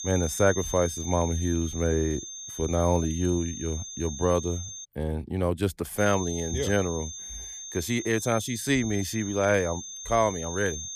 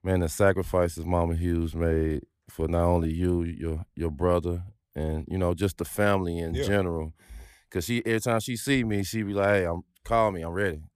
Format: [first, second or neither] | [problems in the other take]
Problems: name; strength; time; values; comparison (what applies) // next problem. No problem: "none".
second | high-pitched whine; loud; until 5 s and from 6 s on; 6.5 kHz, 8 dB below the speech